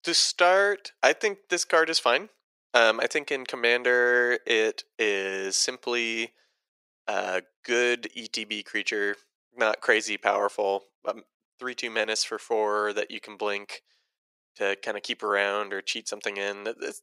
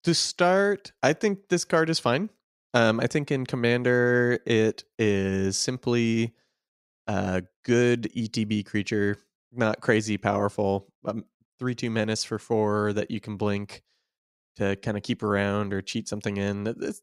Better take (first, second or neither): second